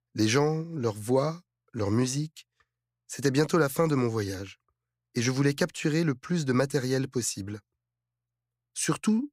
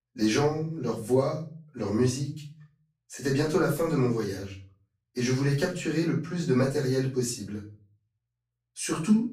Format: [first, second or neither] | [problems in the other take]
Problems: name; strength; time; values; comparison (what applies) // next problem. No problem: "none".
first | room echo; slight; dies away in 0.4 s // off-mic speech; far